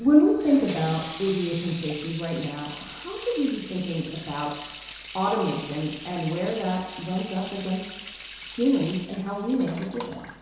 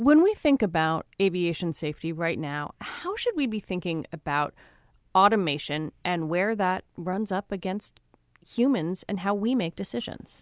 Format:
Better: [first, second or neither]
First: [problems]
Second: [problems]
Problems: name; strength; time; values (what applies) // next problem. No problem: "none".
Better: second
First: background sound (Sink (filling or washing) / Water tap, faucet); 15 dB below the speech // room echo; dies away in 1 s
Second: none